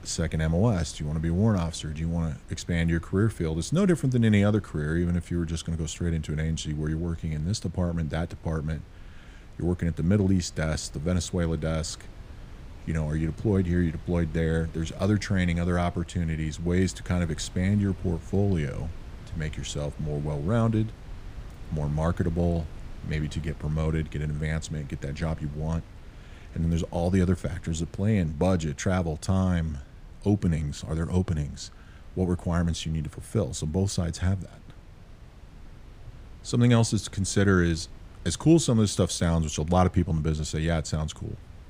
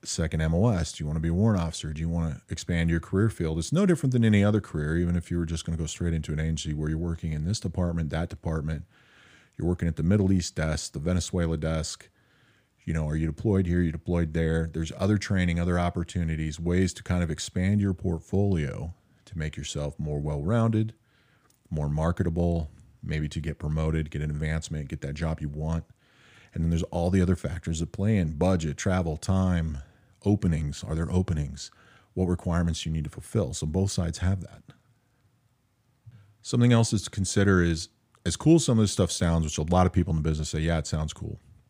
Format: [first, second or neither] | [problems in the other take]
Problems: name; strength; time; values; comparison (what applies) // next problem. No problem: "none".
second | wind noise on the microphone; occasional gusts; 20 dB below the speech